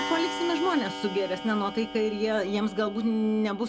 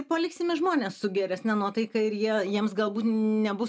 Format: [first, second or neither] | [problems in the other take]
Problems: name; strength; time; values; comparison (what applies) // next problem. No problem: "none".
second | background sound (Clock); 9 dB below the speech